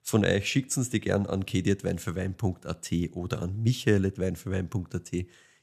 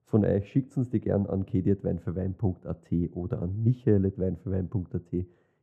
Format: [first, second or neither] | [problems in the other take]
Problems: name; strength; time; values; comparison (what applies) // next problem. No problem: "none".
first | muffled; very; fading above 1.5 kHz